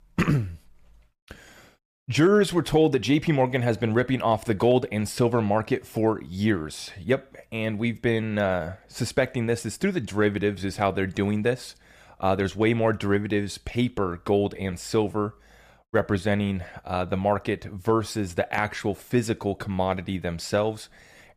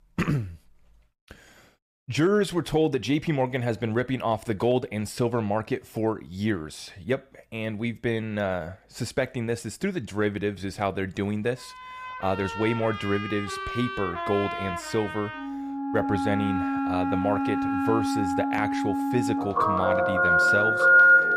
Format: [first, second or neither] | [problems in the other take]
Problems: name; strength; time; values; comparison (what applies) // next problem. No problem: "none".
first | background music; very loud; from 12 s on; 4 dB above the speech